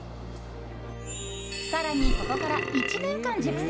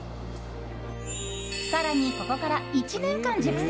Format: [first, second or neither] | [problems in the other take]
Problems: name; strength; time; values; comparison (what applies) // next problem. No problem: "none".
second | background sound (Burping, eructation); 2 dB above the speech